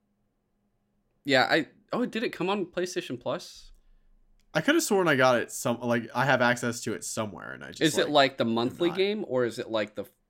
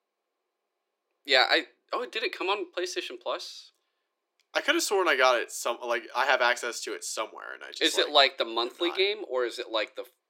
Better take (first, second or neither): first